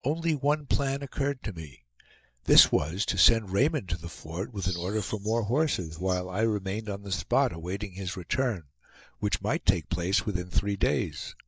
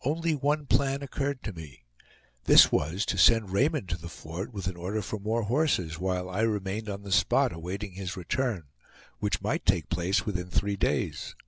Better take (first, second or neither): second